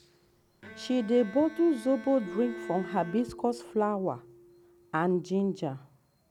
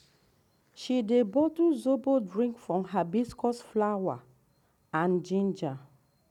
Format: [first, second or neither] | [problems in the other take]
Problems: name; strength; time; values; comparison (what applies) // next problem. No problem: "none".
second | background sound (Bowed string instrument + Keyboard (musical)); 16 dB below the speech